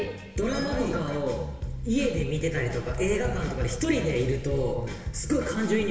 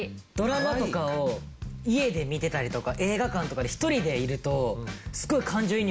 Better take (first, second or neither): second